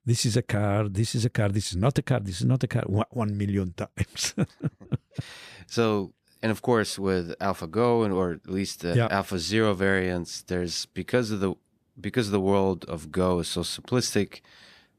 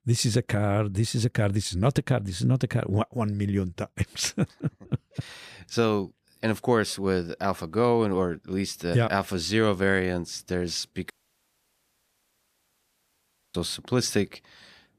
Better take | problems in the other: first | audio cutting out; at 11 s for 2.5 s

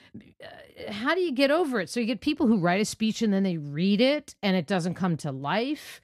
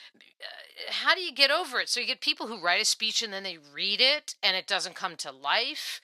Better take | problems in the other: first | thin; very; fading below 900 Hz

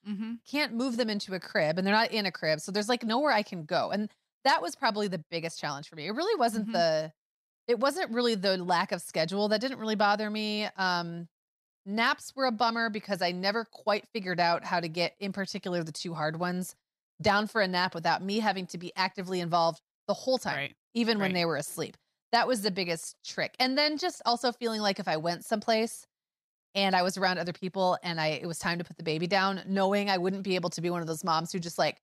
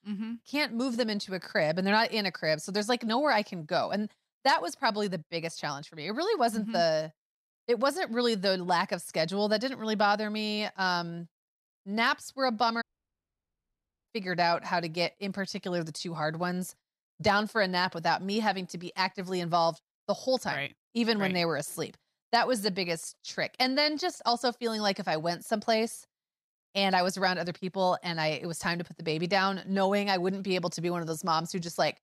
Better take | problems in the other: first | audio cutting out; at 13 s for 1.5 s

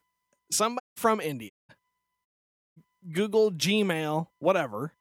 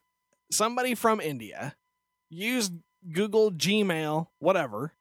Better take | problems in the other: second | audio cutting out; at 1 s, at 1.5 s and at 2.5 s for 0.5 s

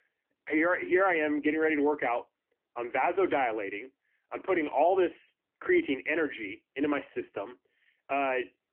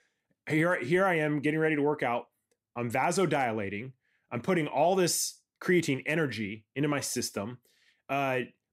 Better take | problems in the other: second | phone-call audio

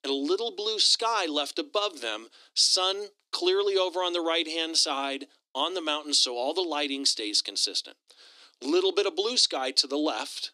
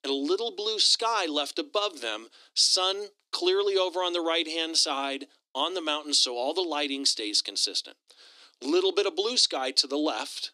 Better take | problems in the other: neither | thin; somewhat; fading below 300 Hz; the same in both

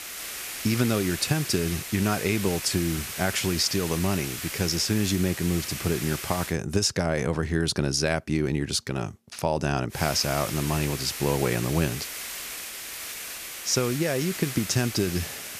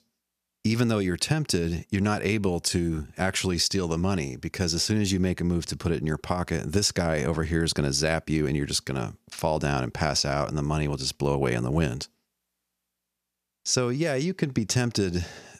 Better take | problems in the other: second | hiss; loud; until 6.5 s and from 10 s on; 7 dB below the speech

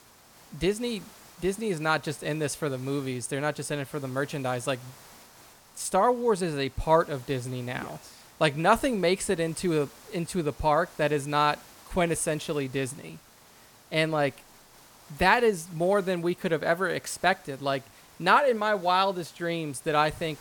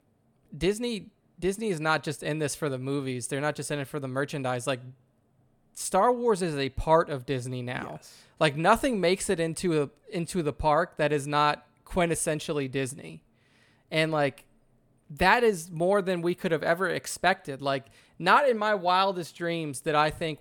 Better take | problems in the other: second | hiss; faint; throughout; 25 dB below the speech

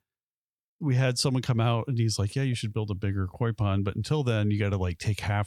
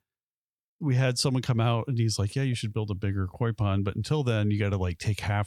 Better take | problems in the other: neither | none

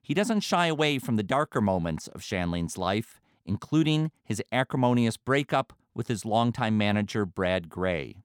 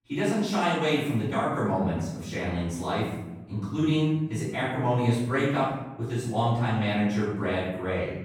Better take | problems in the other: first | off-mic speech; far // room echo; strong; dies away in 1 s

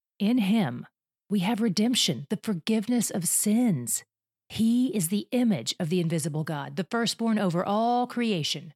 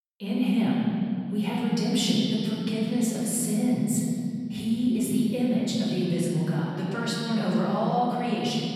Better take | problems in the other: first | off-mic speech; far // room echo; strong; dies away in 2.7 s

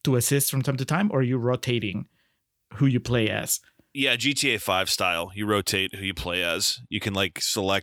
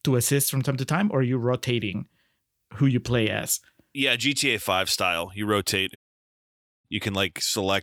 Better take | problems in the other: first | audio cutting out; at 6 s for 1 s

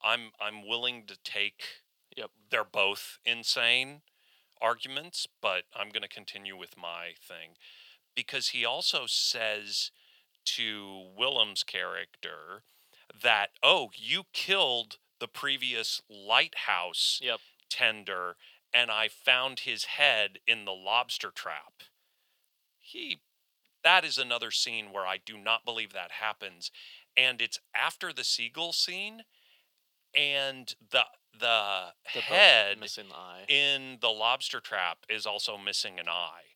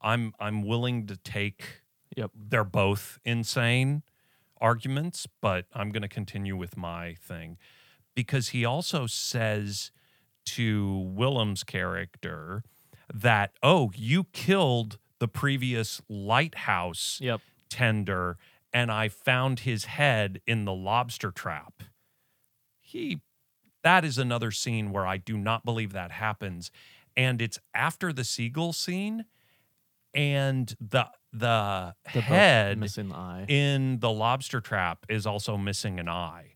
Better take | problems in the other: second | thin; very; fading below 550 Hz

